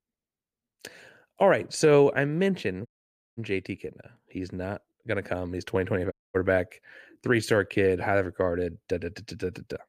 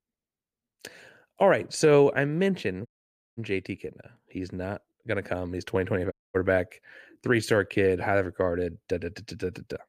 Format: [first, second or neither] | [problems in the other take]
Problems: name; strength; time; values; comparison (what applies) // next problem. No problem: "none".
neither | audio cutting out; at 3 s for 0.5 s and at 6 s; the same in both